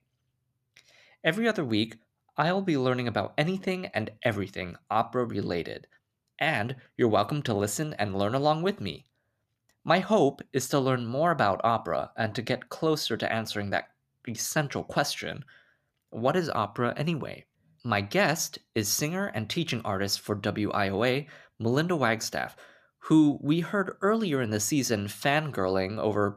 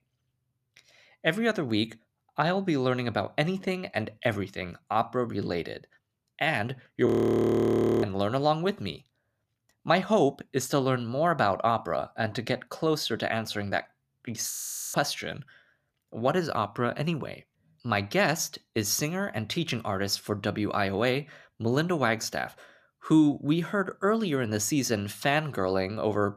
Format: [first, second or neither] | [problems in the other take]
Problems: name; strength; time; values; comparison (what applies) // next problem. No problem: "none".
first | audio freezing; at 7 s for 1 s and at 15 s